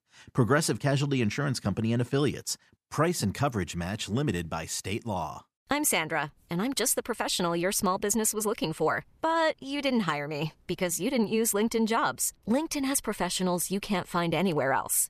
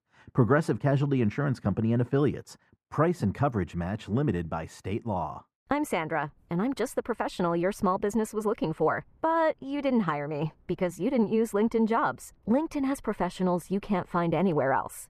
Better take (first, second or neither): first